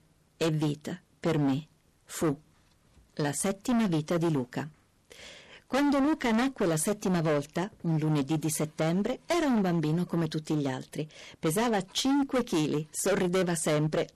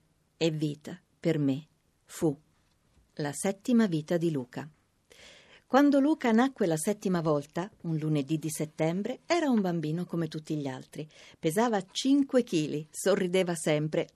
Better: second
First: distortion; heavy; 18% of the sound clipped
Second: none

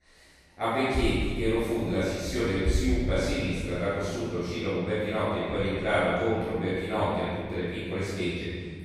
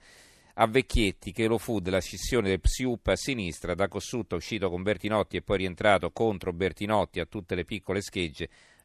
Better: second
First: off-mic speech; far // room echo; strong; dies away in 1.7 s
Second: none

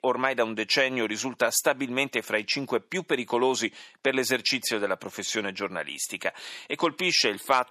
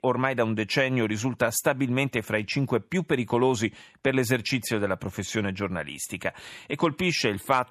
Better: second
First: thin; very slightly; fading below 300 Hz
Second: none

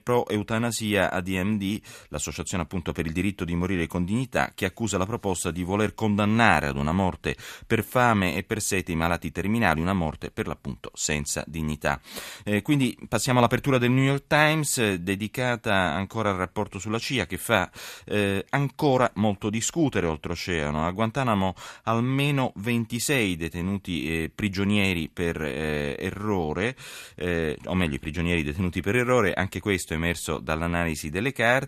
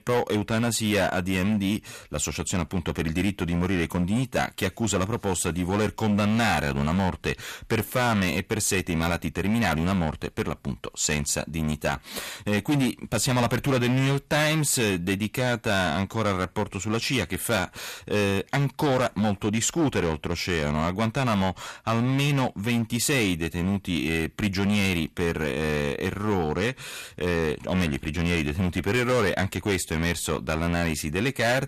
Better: first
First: none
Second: distortion; heavy; 12% of the sound clipped

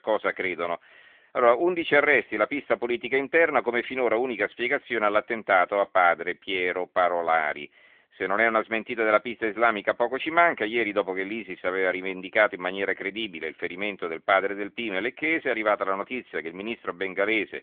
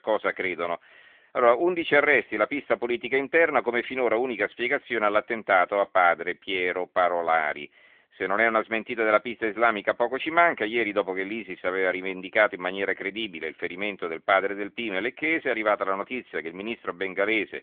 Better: neither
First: phone-call audio; nothing above 3.5 kHz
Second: phone-call audio; nothing above 3.5 kHz

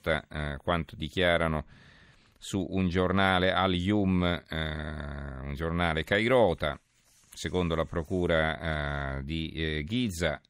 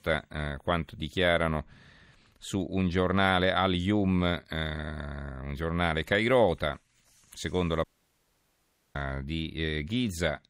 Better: first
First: none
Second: audio cutting out; at 8 s for 1 s

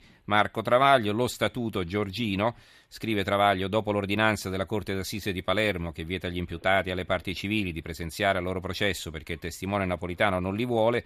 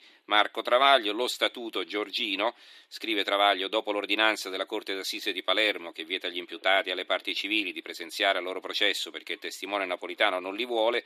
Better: first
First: none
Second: thin; somewhat; fading below 300 Hz

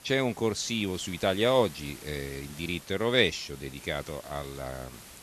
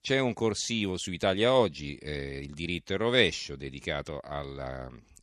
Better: second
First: hiss; noticeable; throughout; 15 dB below the speech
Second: none

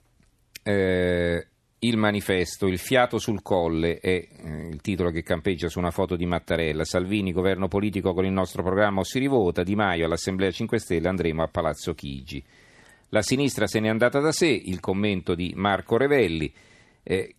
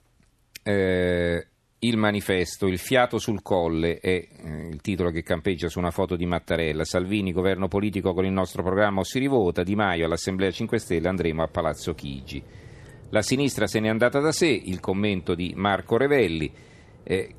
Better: first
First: none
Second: rain or running water; faint; throughout; 25 dB below the speech

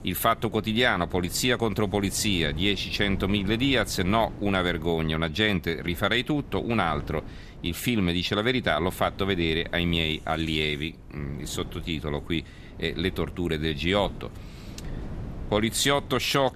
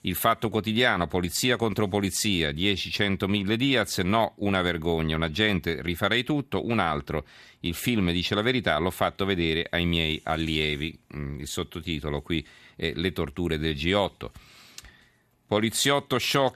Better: second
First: wind noise on the microphone; occasional gusts; 20 dB below the speech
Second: none

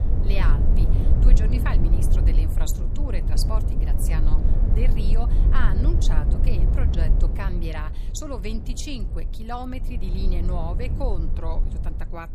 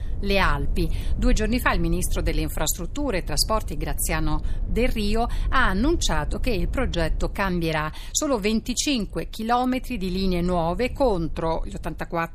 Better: second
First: low rumble; loud; throughout; 4 dB below the speech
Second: low rumble; faint; throughout; 25 dB below the speech

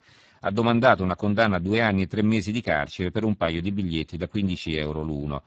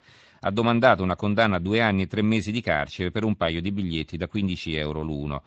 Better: second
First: garbled, watery; badly; nothing above 7.5 kHz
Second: garbled, watery; slightly; nothing above 8 kHz

